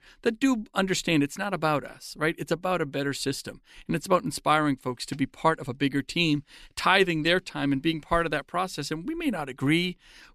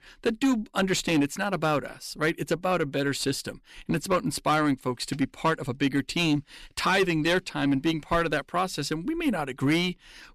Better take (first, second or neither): first